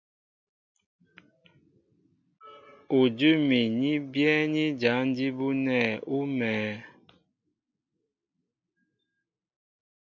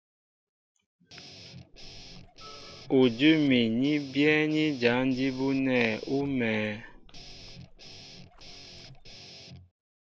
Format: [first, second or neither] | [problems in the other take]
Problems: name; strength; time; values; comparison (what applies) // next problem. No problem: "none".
first | background sound (Guitar + Splash, splatter); 18 dB below the speech